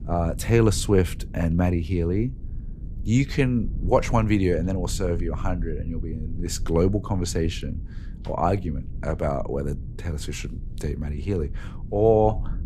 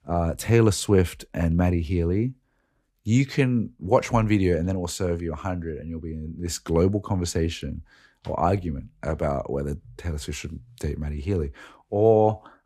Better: second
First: low rumble; faint; throughout; 20 dB below the speech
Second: none

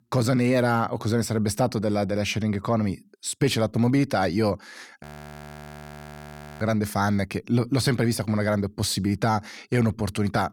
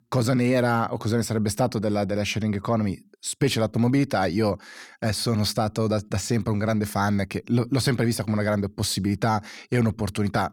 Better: second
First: audio freezing; at 5 s for 1.5 s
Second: none

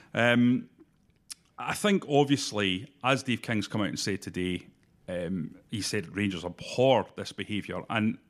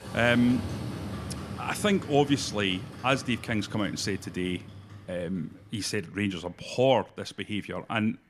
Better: first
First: none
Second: animal sounds; noticeable; throughout; 10 dB below the speech

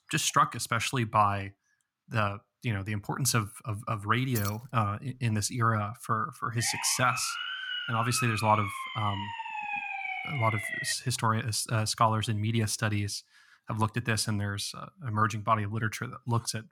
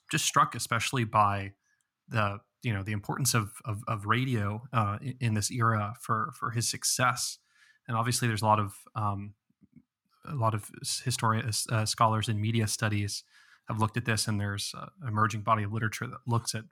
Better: second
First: jangling keys; noticeable; at 4.5 s; peak 8 dB below the speech // siren; noticeable; from 6.5 to 11 s; peak 3 dB below the speech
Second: none

